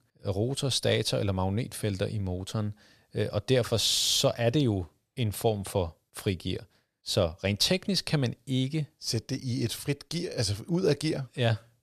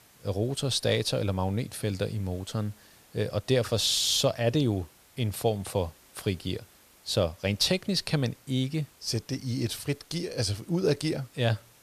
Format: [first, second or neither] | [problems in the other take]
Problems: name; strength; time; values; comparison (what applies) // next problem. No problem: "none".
first | hiss; faint; throughout; 25 dB below the speech